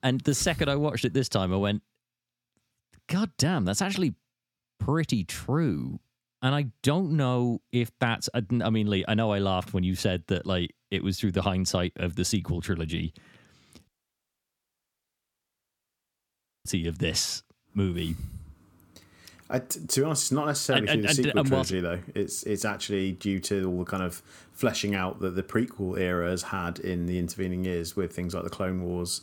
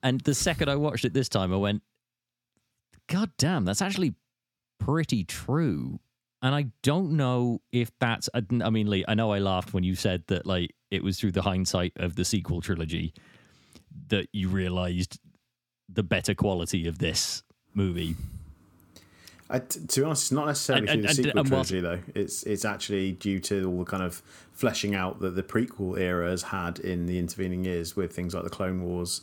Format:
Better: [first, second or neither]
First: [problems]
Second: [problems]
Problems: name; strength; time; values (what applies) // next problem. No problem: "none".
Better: second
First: audio cutting out; at 14 s for 3 s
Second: none